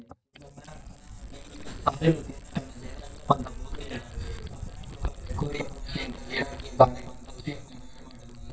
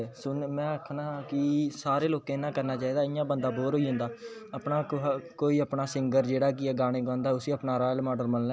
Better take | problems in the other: second | noise reduction (neural mask model DeepFilterNet 3)

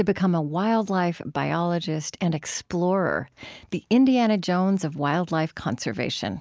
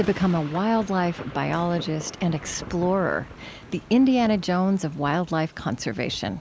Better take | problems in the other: first | background sound (Thunder / Rain); 16 dB below the speech

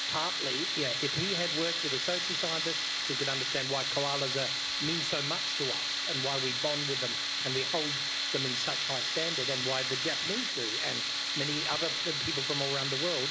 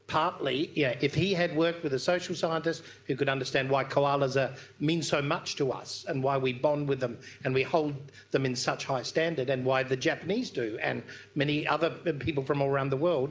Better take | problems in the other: second | background sound (Tools); 4 dB above the speech

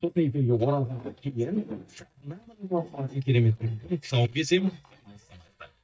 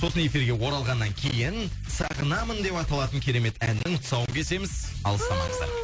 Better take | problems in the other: second | noise reduction (neural mask model DeepFilterNet 3)

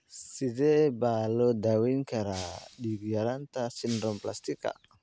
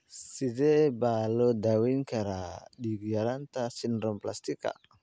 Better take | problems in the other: second | background sound (Shatter); 19 dB below the speech

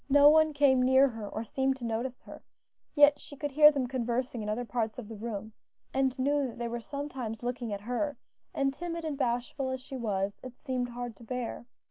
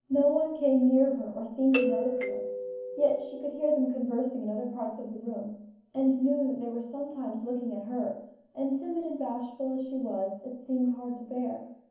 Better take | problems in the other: first | background sound (Doorbell); 4 dB below the speech // room echo; dies away in 0.7 s

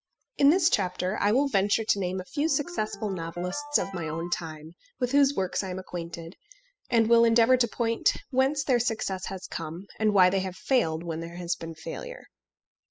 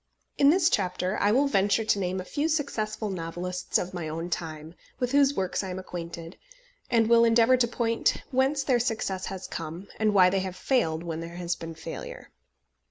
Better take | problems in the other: second | noise reduction (classical method spectral subtraction)

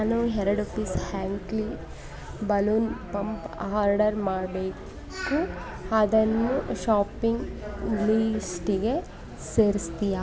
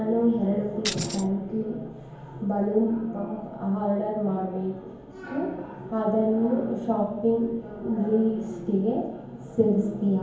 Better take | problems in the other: first | background sound (Tambourine); 7 dB below the speech // room echo; dies away in 1 s

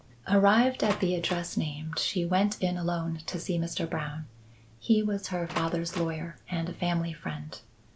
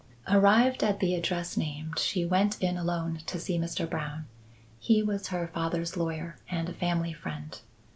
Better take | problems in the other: second | background sound (Door); 15 dB below the speech

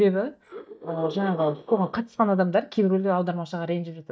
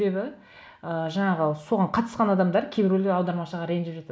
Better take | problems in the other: second | noise reduction (neural mask model DeepFilterNet 3)

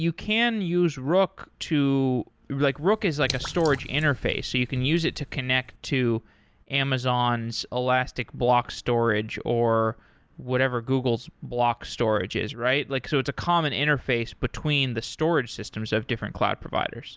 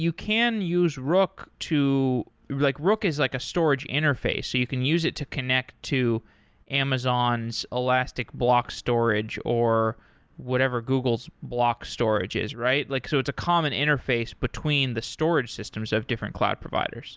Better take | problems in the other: second | background sound (Drip / Water); 14 dB below the speech

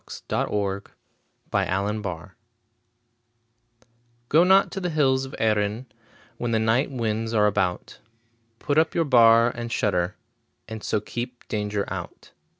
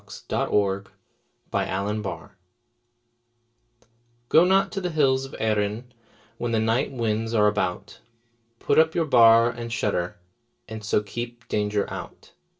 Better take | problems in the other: first | room echo; dies away in 0.2 s

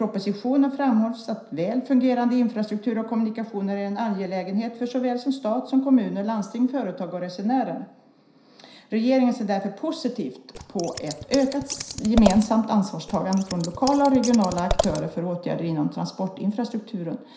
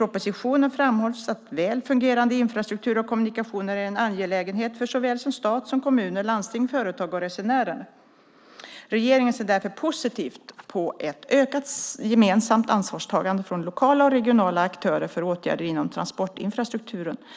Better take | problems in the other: second | background sound (Scissors); 6 dB below the speech // room echo; dies away in 0.5 s

